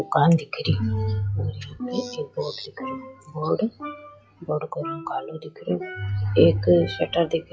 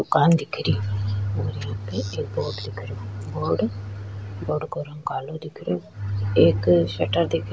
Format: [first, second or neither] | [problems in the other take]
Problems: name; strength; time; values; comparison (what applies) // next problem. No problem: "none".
second | noise reduction (classical method log-MMSE)